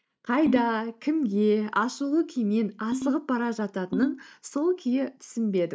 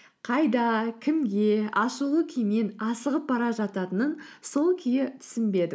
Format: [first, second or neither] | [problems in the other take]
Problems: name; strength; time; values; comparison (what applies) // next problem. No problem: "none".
second | noise reduction (neural mask model DeepFilterNet 3)